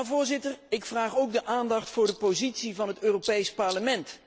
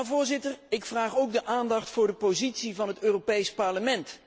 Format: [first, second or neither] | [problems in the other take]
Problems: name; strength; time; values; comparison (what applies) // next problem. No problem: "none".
second | background sound (Rattle); 14 dB below the speech